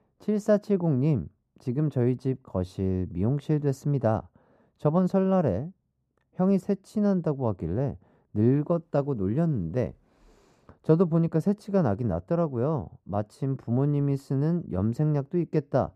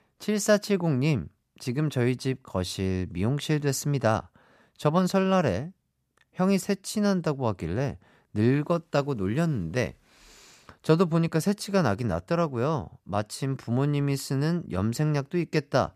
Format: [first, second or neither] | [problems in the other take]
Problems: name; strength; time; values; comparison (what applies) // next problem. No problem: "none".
second | muffled; very; fading above 1.5 kHz